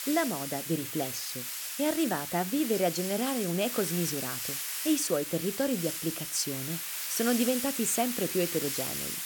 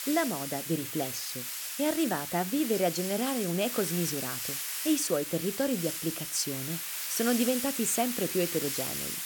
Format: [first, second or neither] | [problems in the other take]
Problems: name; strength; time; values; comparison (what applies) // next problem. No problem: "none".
neither | hiss; loud; throughout; 2 dB below the speech; the same in both